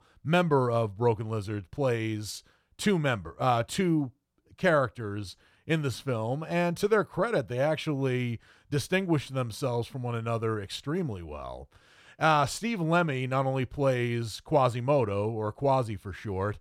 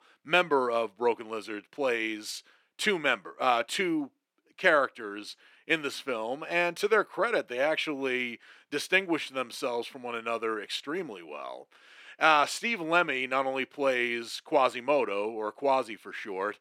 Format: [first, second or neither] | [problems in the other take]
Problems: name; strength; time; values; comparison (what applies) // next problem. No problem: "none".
first | thin; somewhat; fading below 250 Hz